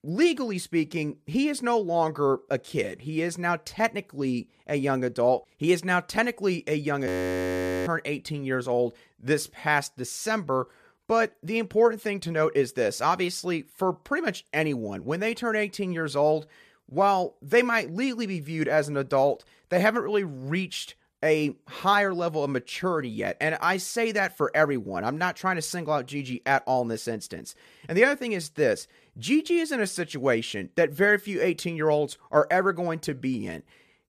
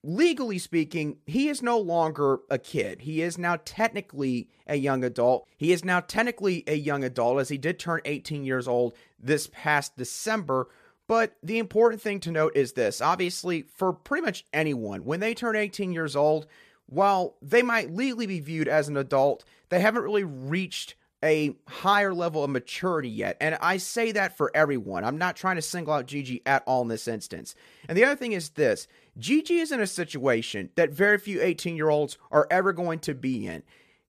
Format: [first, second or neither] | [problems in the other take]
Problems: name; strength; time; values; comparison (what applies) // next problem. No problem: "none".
second | audio freezing; at 7 s for 1 s